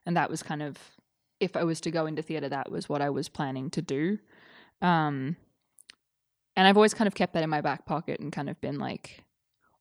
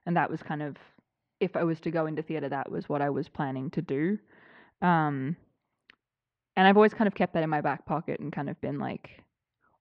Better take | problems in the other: first | muffled; very; fading above 2.5 kHz

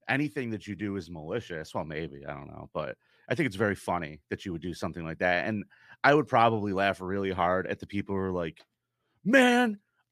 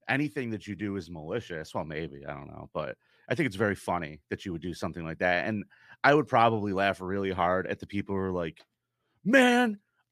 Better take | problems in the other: neither | none

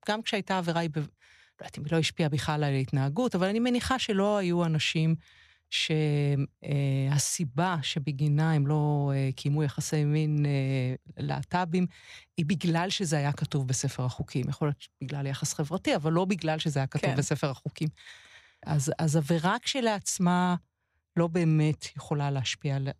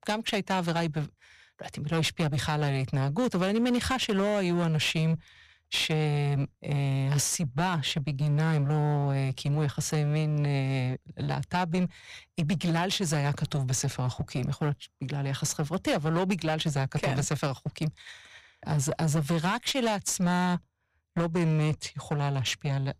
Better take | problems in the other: first | distortion; slight; 15% of the sound clipped

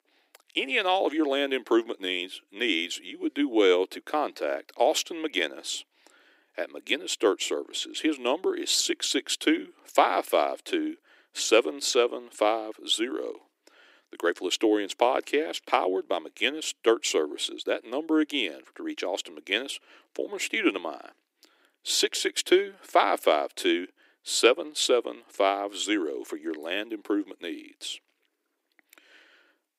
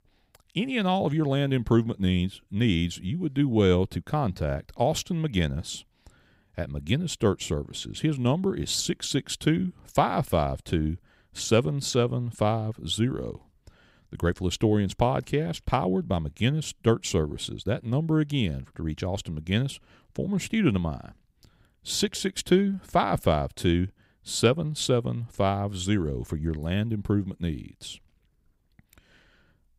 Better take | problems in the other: second | thin; very; fading below 300 Hz

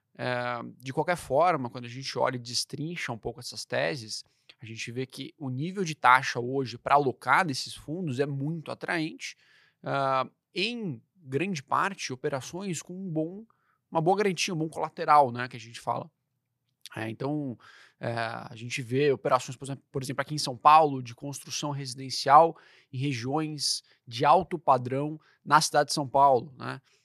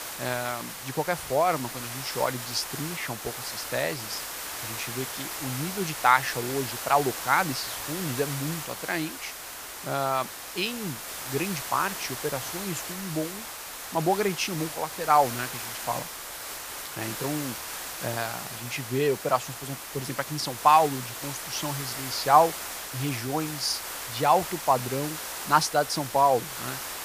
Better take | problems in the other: first | hiss; loud; throughout; 6 dB below the speech

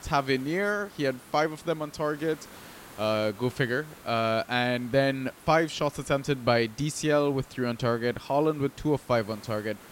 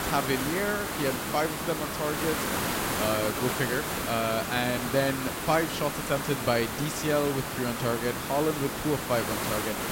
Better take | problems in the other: first | hiss; loud; throughout; 1 dB below the speech; faint in the first

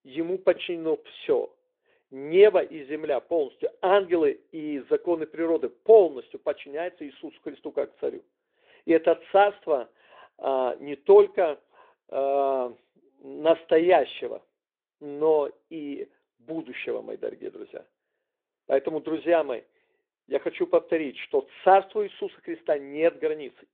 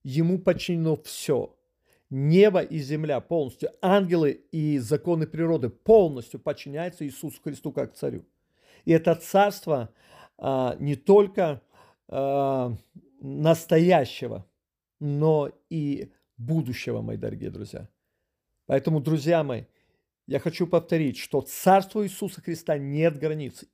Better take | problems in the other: second | phone-call audio

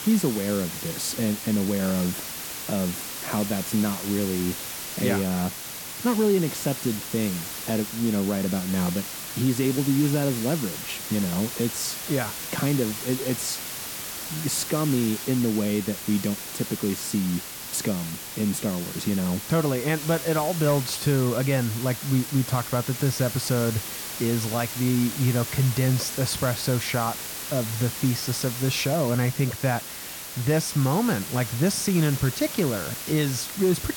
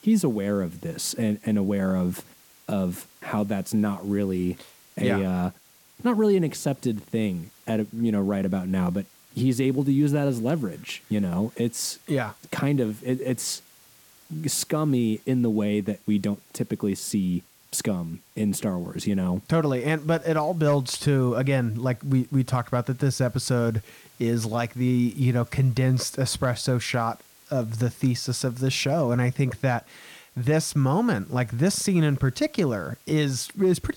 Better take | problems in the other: second | hiss; loud; throughout; 6 dB below the speech; faint in the second

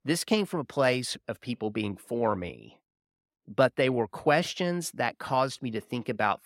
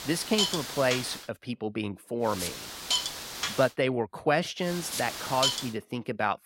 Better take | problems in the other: first | hiss; loud; until 1 s, from 2.5 to 3.5 s and from 4.5 to 5.5 s; 1 dB below the speech

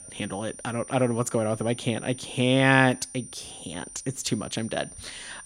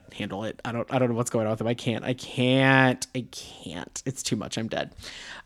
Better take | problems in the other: second | high-pitched whine; noticeable; throughout; 9 kHz, 15 dB below the speech

